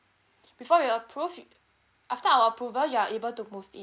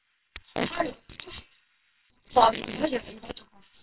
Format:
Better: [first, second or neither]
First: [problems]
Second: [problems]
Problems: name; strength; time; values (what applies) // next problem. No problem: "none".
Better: first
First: none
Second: noise reduction (neural separator model SepFormer WHAMR!)